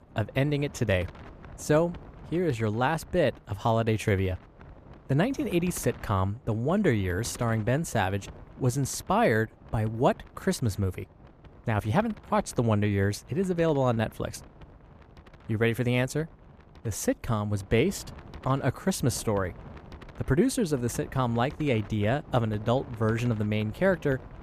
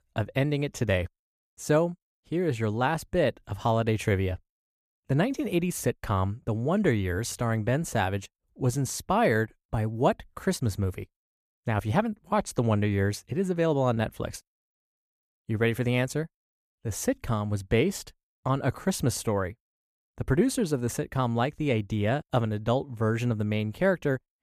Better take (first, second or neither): second